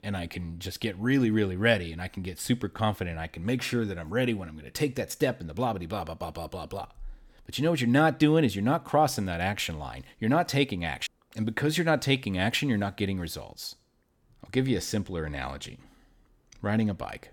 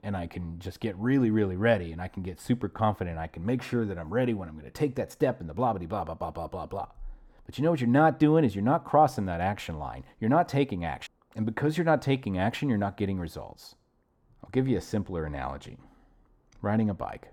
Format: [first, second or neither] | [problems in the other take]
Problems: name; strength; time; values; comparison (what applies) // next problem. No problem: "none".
first | muffled; slightly; fading above 2 kHz